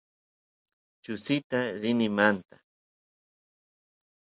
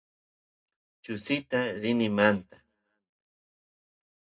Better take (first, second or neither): first